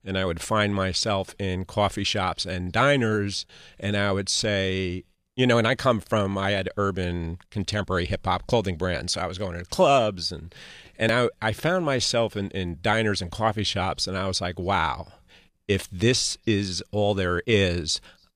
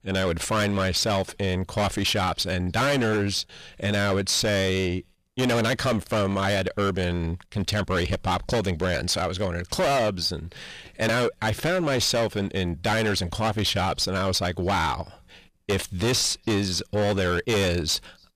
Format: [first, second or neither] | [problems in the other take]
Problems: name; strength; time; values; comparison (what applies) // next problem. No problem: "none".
first | distortion; heavy; 19% of the sound clipped